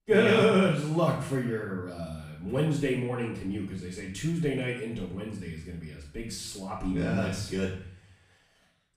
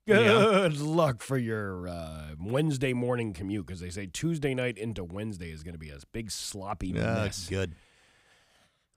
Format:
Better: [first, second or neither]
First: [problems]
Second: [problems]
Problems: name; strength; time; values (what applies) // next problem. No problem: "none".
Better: second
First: off-mic speech; far // room echo; noticeable; dies away in 0.5 s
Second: none